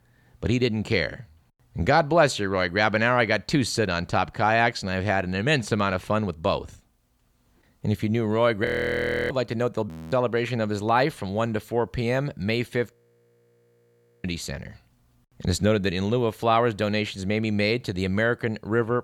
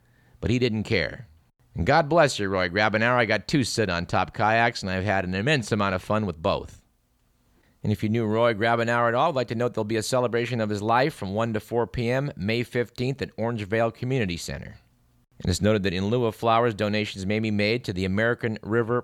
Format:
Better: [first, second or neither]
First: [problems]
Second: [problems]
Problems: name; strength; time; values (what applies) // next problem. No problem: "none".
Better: second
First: audio freezing; at 8.5 s for 0.5 s, at 10 s and at 13 s for 1.5 s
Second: none